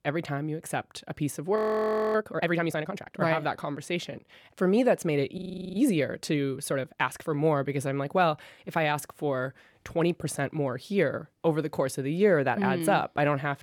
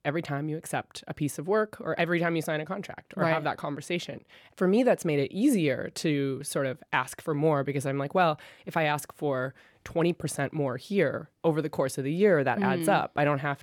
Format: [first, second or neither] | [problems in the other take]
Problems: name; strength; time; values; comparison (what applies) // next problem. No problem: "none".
second | audio freezing; at 1.5 s for 0.5 s and at 5.5 s